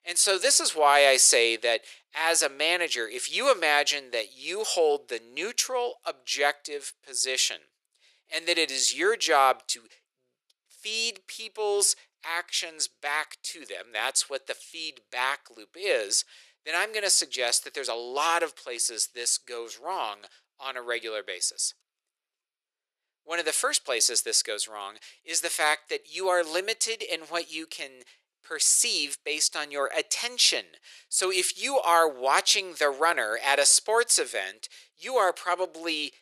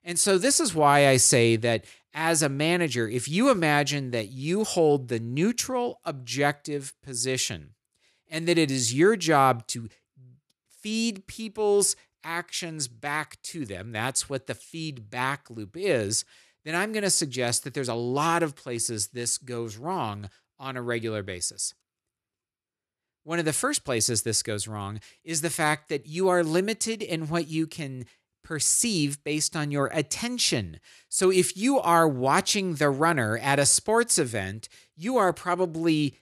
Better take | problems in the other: second | thin; very; fading below 500 Hz

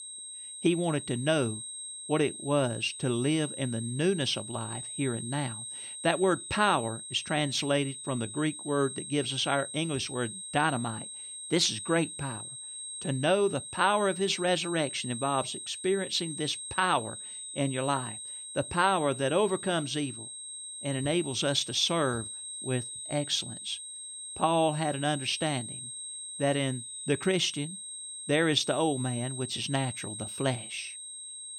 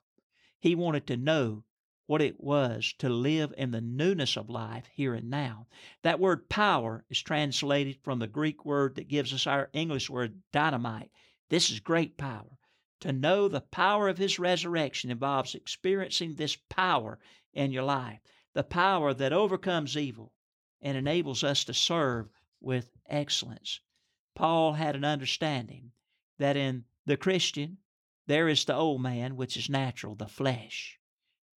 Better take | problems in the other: second | high-pitched whine; loud; throughout; 8.5 kHz, 8 dB below the speech

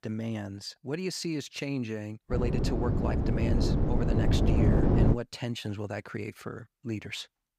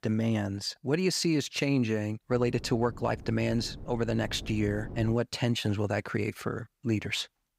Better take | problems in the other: second | wind noise on the microphone; heavy; from 2.5 to 5 s; 3 dB above the speech; occasional gusts in the second

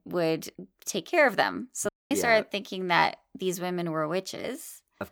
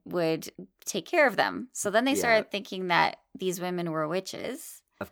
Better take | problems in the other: second | audio cutting out; at 2 s

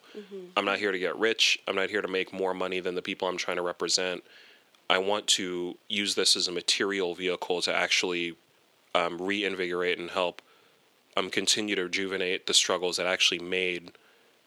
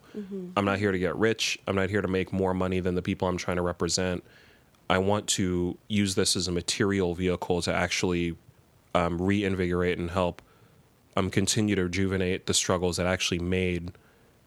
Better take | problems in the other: second | thin; somewhat; fading below 350 Hz

